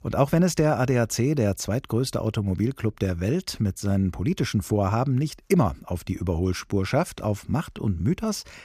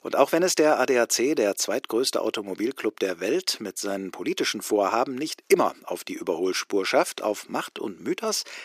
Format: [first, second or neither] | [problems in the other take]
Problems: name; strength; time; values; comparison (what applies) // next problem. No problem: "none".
first | thin; somewhat; fading below 350 Hz